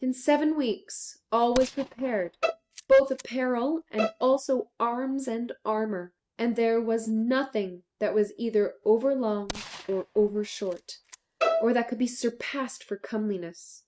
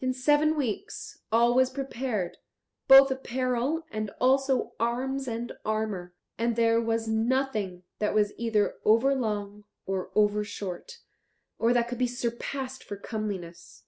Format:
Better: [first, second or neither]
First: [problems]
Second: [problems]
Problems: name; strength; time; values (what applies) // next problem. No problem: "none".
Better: second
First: noise reduction (neural mask model RNNoise)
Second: none